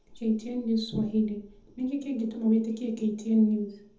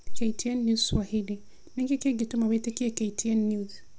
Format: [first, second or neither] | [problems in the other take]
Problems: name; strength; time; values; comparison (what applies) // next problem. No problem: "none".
second | room echo; dies away in 0.7 s